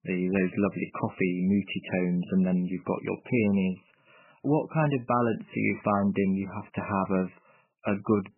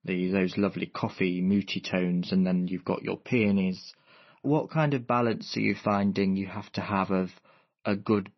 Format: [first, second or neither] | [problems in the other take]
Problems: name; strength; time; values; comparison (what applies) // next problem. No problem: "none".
second | garbled, watery; badly; nothing above 3 kHz; slightly in the second